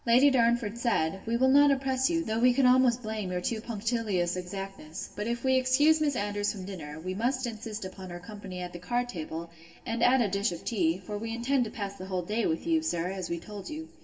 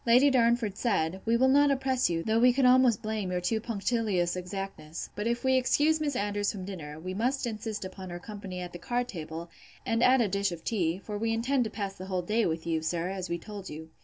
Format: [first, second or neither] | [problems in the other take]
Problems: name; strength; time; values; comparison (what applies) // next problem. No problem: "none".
second | room echo; dies away in 3 s